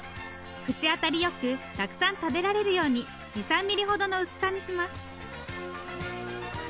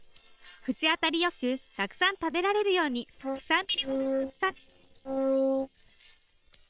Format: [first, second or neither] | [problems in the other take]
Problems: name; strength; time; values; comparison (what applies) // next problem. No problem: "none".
first | noise reduction (neural separator model SepFormer WHAM!)